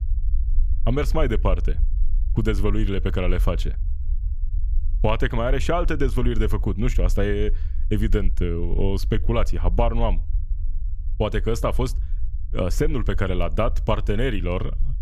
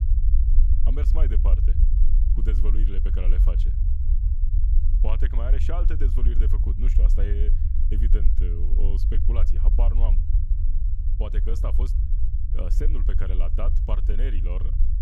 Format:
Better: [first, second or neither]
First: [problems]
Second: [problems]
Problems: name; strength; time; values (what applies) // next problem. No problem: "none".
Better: first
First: low rumble; faint; throughout; 25 dB below the speech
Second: low rumble; loud; throughout; 5 dB below the speech